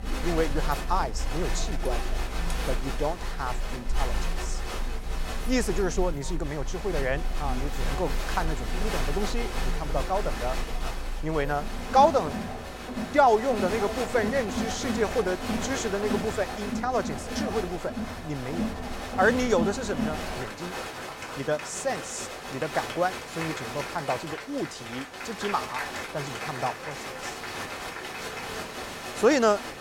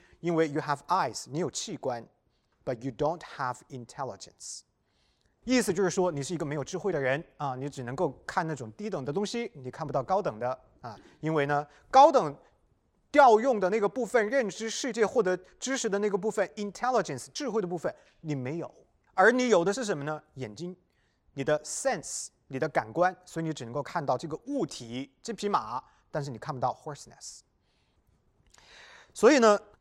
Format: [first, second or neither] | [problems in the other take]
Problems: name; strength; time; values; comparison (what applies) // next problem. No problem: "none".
second | crowd noise; loud; throughout; 4 dB below the speech